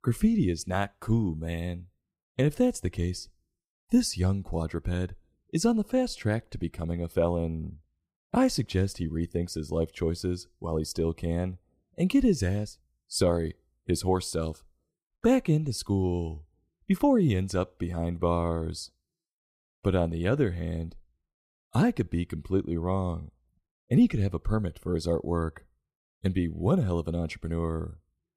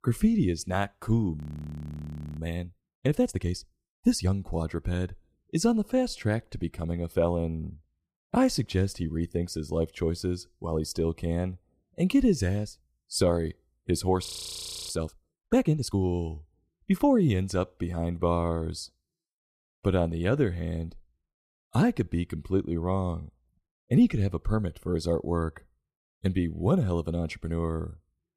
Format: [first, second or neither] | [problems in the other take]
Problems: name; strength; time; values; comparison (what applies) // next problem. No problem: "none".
first | audio freezing; at 1.5 s for 1 s and at 14 s for 0.5 s